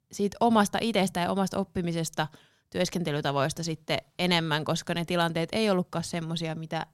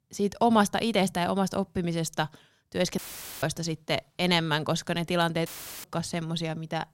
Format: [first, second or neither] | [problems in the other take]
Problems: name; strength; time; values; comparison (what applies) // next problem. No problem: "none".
first | audio cutting out; filled with static; at 3 s and at 5.5 s